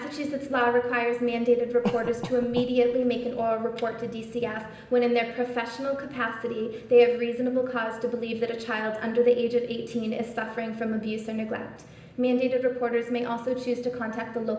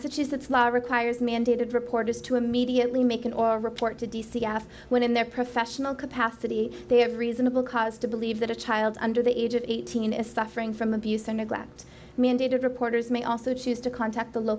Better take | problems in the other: second | background sound (Cough); 11 dB below the speech // room echo; dies away in 0.9 s

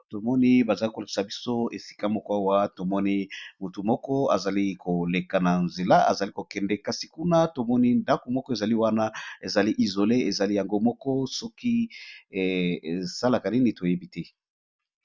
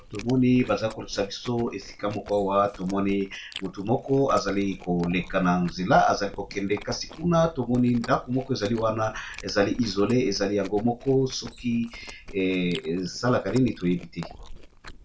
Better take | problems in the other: first | background sound (Chewing, mastication); 18 dB below the speech // room echo; dies away in 0.2 s

